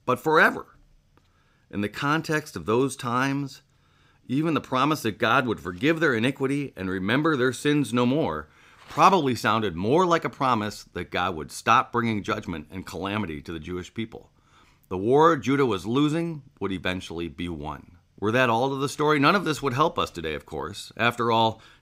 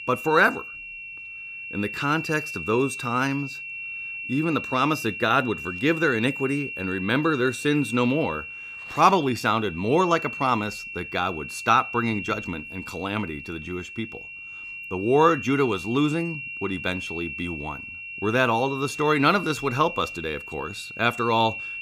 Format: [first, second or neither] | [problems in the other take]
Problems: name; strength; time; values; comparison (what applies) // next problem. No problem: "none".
first | high-pitched whine; loud; throughout; 2.5 kHz, 9 dB below the speech